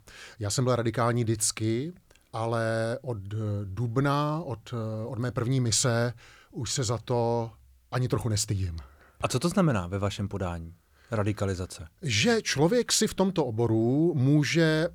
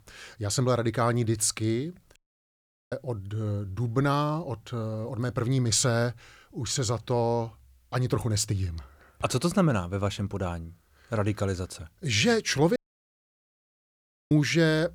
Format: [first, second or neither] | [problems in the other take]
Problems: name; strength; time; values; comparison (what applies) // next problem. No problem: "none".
first | audio cutting out; at 2 s for 1 s and at 13 s for 1.5 s